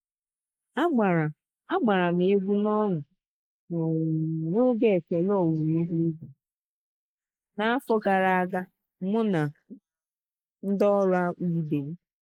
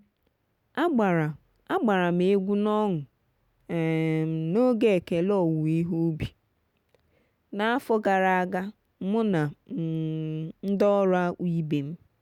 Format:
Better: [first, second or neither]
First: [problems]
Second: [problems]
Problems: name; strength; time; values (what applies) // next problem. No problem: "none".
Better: second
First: noise reduction (neural mask model Resemble Enhance denoiser)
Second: none